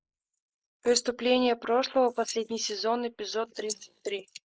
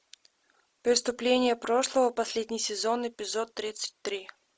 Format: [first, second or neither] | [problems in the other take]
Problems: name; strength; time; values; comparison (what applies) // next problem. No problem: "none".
second | noise reduction (neural mask model Resemble Enhance denoiser)